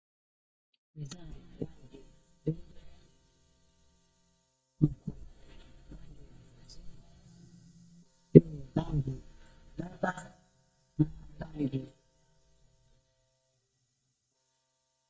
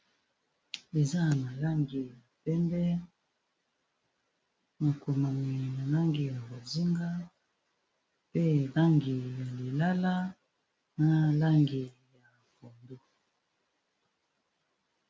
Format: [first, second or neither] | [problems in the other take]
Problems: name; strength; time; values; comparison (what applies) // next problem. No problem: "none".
second | noise reduction (neural mask model DeepFilterNet 3)